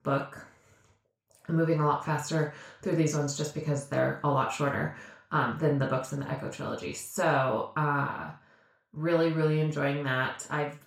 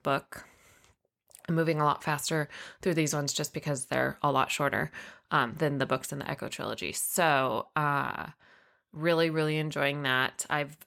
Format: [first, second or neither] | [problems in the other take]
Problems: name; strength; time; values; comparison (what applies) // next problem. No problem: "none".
second | room echo; slight; dies away in 0.4 s // off-mic speech; far